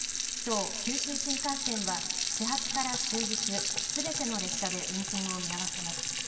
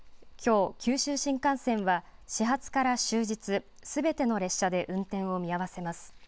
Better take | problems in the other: second | background sound (Sink (filling or washing) / Water tap, faucet); 3 dB above the speech // room echo; dies away in 2 s

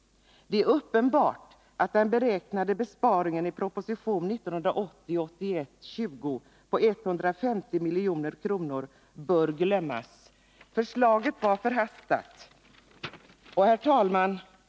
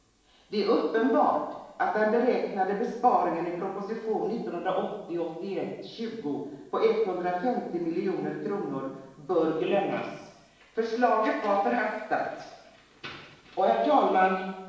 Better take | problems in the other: first | room echo; dies away in 0.9 s

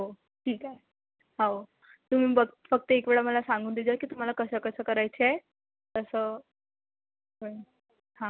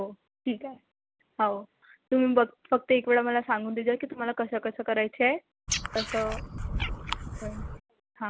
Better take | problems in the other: first | background sound (Frog); 4 dB below the speech

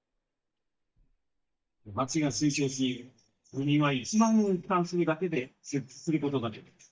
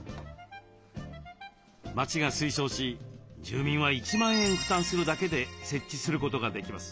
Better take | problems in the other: second | noise reduction (neural mask model DeepFilterNet 3)

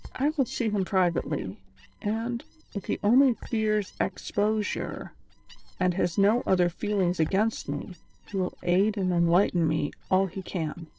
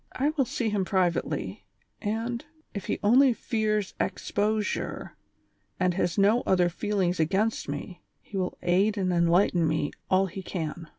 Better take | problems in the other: second | noise reduction (neural separator model SepFormer DNS4)

